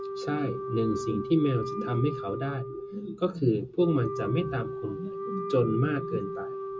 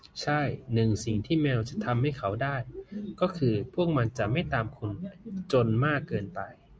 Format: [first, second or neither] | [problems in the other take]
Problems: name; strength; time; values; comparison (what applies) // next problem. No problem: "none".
second | background sound (Wind instrument, woodwind instrument); 7 dB below the speech // room echo; dies away in 0.2 s